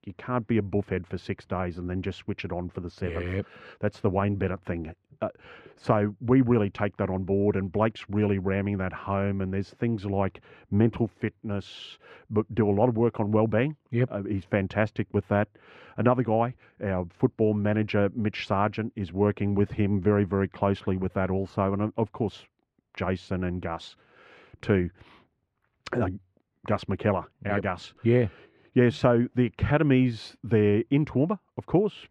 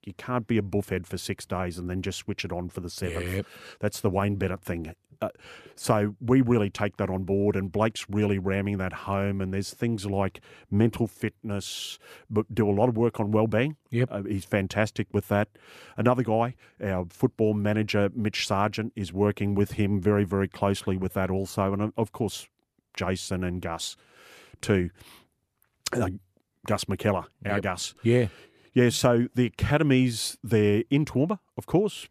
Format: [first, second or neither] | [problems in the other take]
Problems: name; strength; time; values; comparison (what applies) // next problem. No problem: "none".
second | muffled; slightly; fading above 2.5 kHz